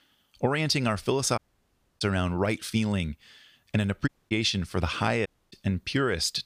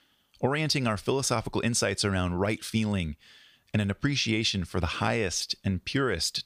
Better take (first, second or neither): second